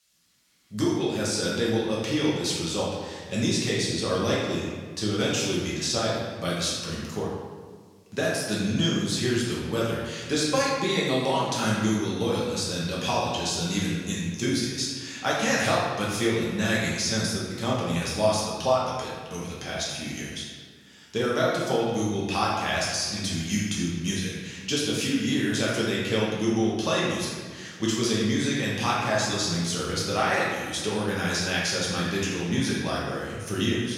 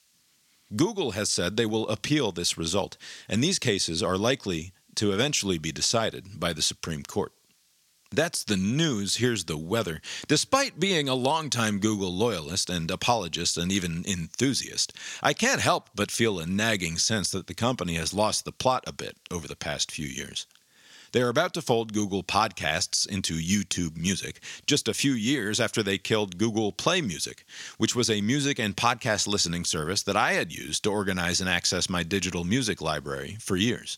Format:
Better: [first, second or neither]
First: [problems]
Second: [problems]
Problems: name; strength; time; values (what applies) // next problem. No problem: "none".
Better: second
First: room echo; strong; dies away in 1.3 s // off-mic speech; far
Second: none